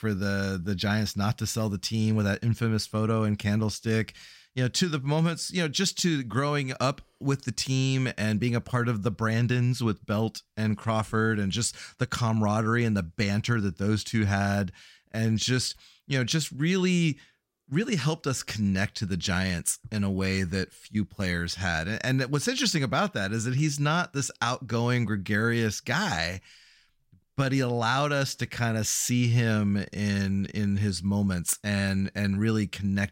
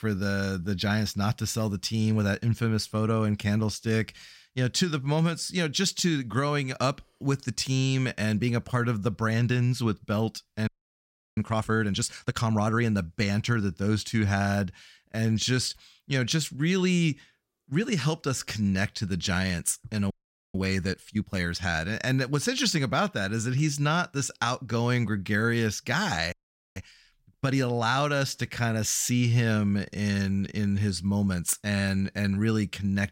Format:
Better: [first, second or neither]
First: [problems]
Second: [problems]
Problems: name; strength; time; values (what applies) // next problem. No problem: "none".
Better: first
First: none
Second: audio freezing; at 11 s for 0.5 s, at 20 s and at 26 s